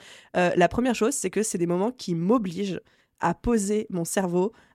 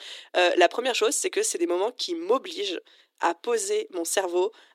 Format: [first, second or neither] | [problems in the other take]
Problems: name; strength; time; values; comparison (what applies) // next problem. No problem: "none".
first | thin; very; fading below 300 Hz